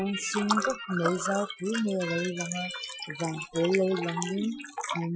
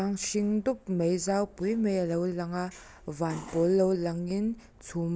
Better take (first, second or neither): second